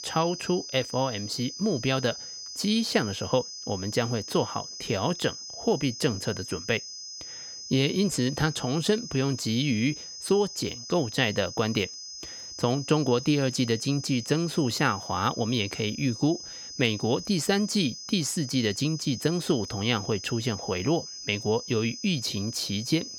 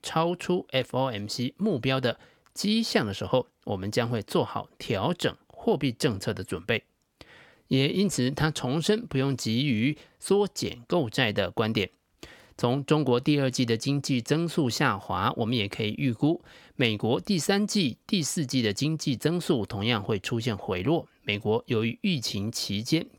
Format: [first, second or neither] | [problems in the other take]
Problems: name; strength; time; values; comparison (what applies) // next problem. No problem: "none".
second | high-pitched whine; loud; throughout; 5 kHz, 10 dB below the speech